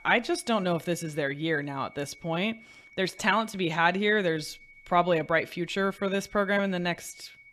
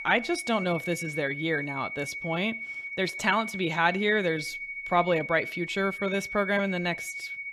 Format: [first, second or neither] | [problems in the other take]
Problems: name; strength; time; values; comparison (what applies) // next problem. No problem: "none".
first | high-pitched whine; loud; throughout; 2 kHz, 7 dB below the speech; faint in the first